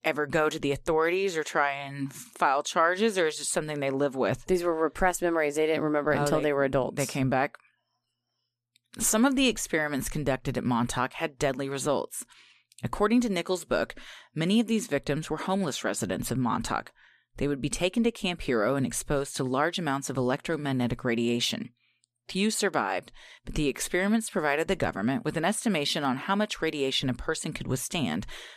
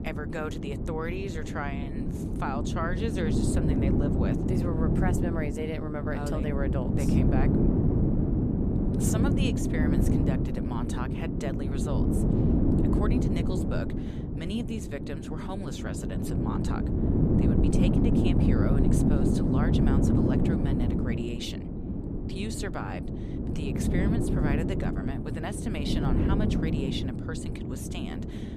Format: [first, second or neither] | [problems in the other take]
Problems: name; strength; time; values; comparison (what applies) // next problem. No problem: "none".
first | wind noise on the microphone; heavy; 3 dB above the speech